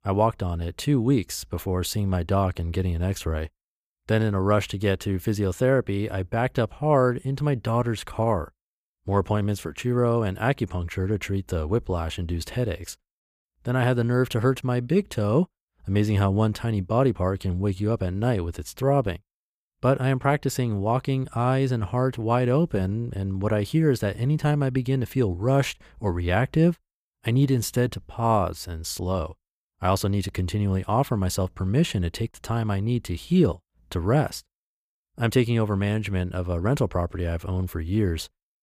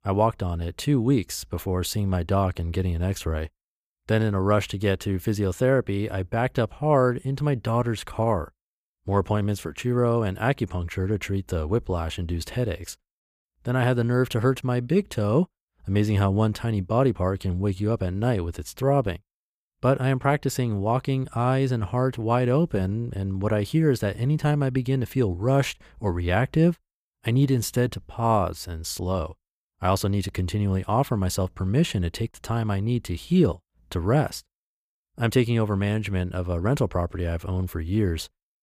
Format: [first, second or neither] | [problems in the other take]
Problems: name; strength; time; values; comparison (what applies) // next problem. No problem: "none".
neither | none